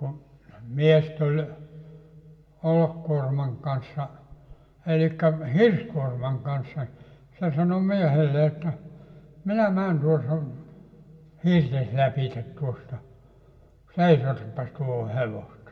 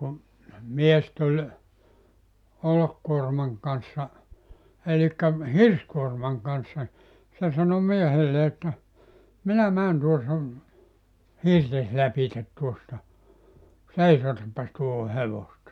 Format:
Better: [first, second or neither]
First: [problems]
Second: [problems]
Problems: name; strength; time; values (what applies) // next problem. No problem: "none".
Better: second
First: room echo; dies away in 1.3 s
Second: none